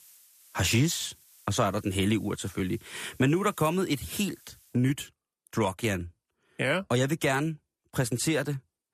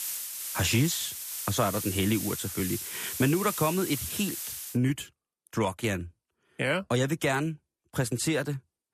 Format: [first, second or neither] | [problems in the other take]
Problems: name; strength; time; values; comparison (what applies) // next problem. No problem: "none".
first | hiss; loud; until 4.5 s; 5 dB below the speech; faint in the first